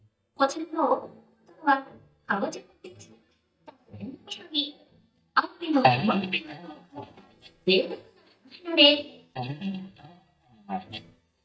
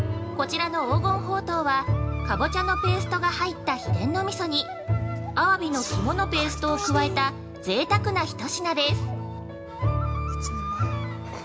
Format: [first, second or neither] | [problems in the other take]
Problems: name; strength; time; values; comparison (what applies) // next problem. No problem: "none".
second | noise reduction (neural mask model DeepFilterNet 3)